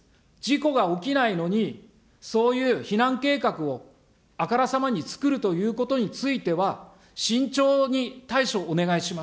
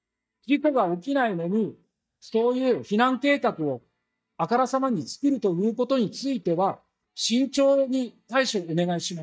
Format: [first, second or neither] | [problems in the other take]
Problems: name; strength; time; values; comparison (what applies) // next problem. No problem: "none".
first | noise reduction (neural mask model DeepFilterNet 3)